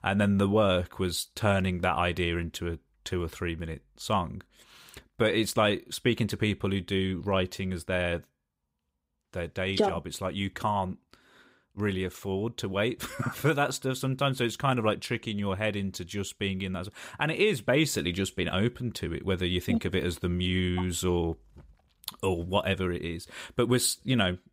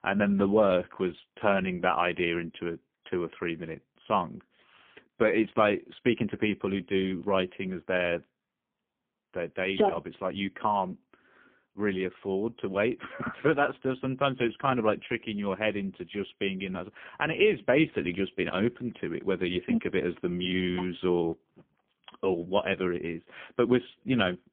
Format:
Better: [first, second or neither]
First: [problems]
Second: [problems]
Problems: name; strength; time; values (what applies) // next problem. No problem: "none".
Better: first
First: none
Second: phone-call audio; poor line; nothing above 3.5 kHz